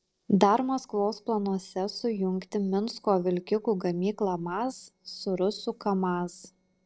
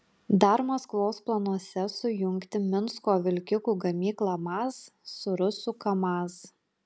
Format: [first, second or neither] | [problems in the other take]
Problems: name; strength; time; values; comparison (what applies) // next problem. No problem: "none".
second | noise reduction (neural separator model SepFormer DNS4)